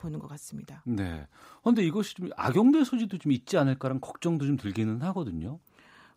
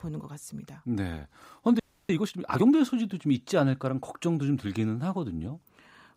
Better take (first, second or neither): first